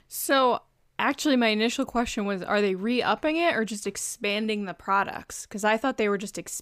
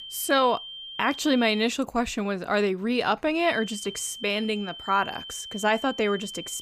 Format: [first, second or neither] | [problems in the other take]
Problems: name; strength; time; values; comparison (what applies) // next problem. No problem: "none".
first | high-pitched whine; noticeable; until 1.5 s and from 3.5 s on; 3 kHz, 10 dB below the speech